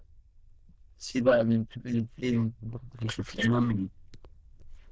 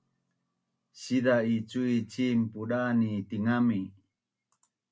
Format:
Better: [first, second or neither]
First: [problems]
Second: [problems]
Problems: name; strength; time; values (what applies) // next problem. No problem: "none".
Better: second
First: noise reduction (neural diffusion model UNIVERSE++)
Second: none